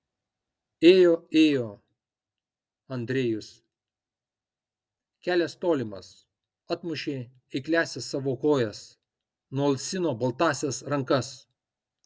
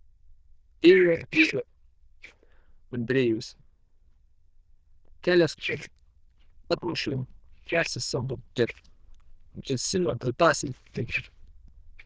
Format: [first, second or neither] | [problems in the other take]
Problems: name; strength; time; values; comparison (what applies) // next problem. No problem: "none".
first | noise reduction (neural diffusion model UNIVERSE++)